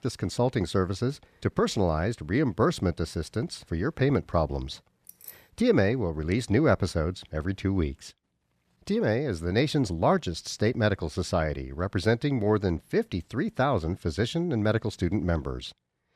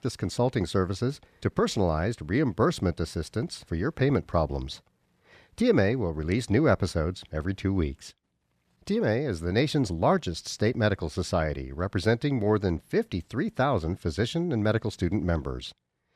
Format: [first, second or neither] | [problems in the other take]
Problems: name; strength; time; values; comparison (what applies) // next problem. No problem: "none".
second | jangling keys; faint; at 5 s; peak 20 dB below the speech